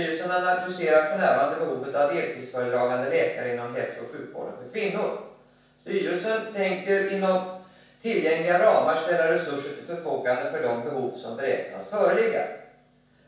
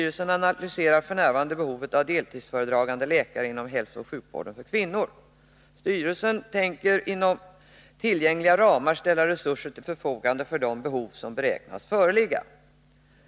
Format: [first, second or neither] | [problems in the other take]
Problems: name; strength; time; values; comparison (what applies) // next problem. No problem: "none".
second | room echo; dies away in 0.7 s